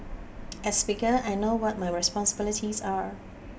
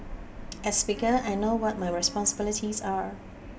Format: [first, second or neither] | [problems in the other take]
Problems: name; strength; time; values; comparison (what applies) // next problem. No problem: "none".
first | background sound (Wind instrument, woodwind instrument); 19 dB below the speech